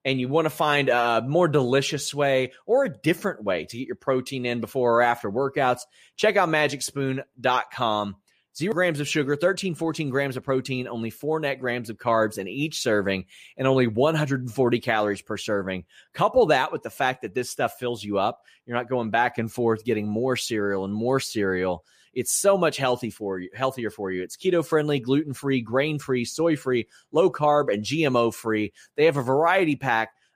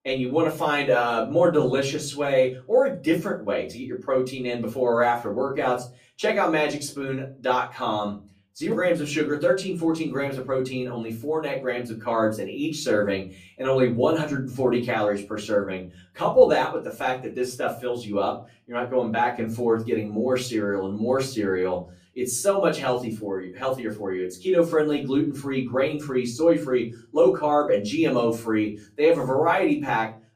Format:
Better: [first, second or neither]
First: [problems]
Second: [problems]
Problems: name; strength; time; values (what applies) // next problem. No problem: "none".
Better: first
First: none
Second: off-mic speech; far // room echo; very slight; dies away in 0.3 s